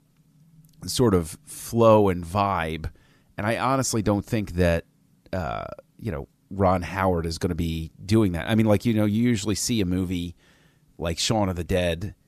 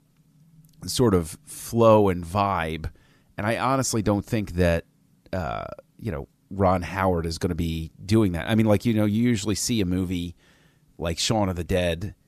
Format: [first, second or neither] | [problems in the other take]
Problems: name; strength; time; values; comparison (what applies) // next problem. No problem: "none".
neither | none